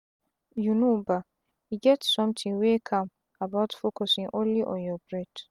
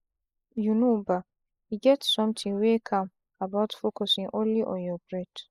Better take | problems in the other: first | noise reduction (neural mask model Resemble Enhance denoiser)

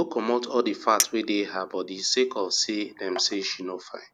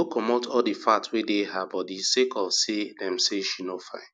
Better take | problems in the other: second | background sound (Chink, clink); 11 dB below the speech

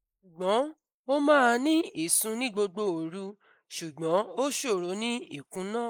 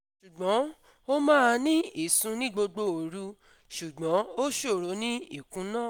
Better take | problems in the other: second | noise reduction (neural mask model Resemble Enhance denoiser)

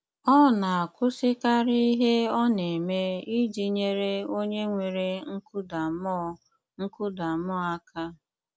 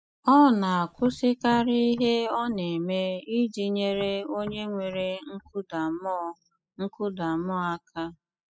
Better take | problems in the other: first | noise reduction (classical method spectral subtraction)

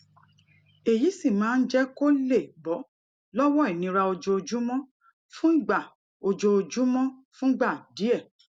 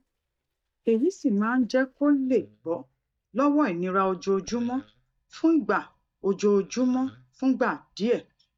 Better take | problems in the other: first | noise reduction (neural mask model DeepFilterNet 3)

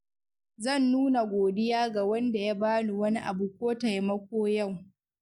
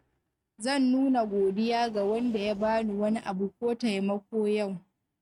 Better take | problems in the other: first | noise reduction (neural mask model RNNoise)

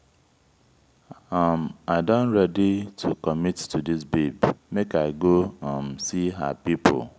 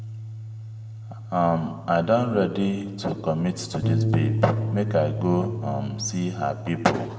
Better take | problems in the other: first | background sound (Bass guitar); 4 dB below the speech // room echo; dies away in 1.1 s

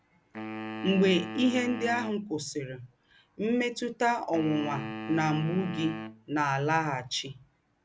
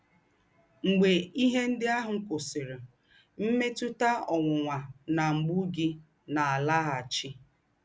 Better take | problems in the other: second | background sound (Wind instrument, woodwind instrument); 10 dB below the speech

